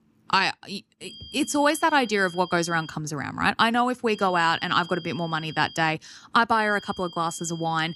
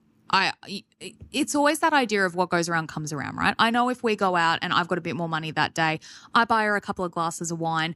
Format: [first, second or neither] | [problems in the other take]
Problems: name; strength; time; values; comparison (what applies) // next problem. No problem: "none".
second | high-pitched whine; noticeable; from 1 to 3 s, from 4 to 6 s and from 6.5 s on; 3 kHz, 15 dB below the speech